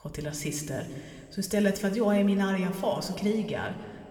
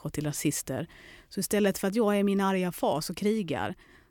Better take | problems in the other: second | room echo; slight; dies away in 2 s

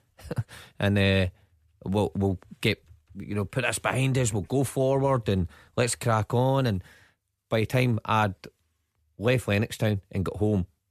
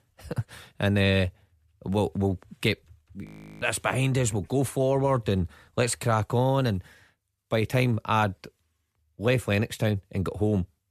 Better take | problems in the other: first | audio freezing; at 3.5 s

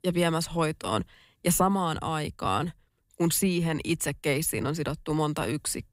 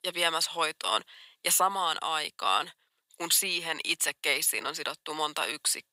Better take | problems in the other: first | thin; very; fading below 800 Hz

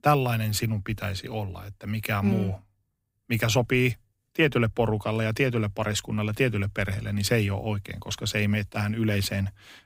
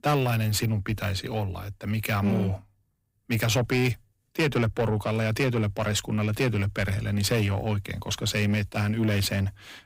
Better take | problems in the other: first | distortion; slight; 10 dB below the speech

